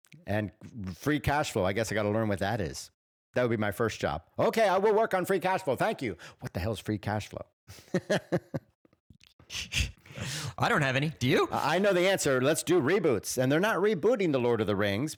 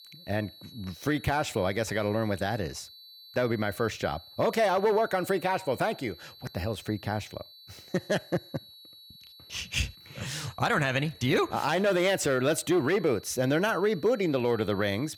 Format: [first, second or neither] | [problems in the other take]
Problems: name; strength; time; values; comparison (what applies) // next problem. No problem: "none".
first | high-pitched whine; faint; throughout; 4 kHz, 20 dB below the speech